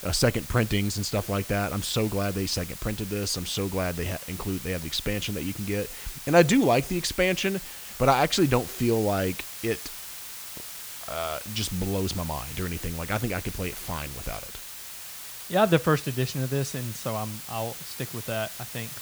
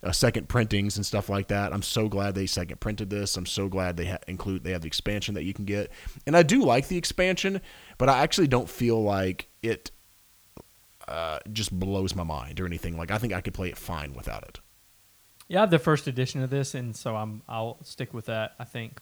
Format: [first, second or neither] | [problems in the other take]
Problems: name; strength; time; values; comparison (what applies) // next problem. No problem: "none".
second | hiss; loud; throughout; 10 dB below the speech; faint in the second